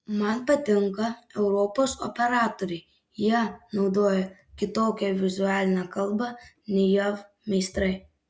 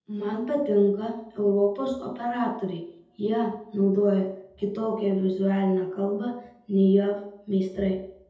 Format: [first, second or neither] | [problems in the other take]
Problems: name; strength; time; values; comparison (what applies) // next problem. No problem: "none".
first | room echo; dies away in 0.7 s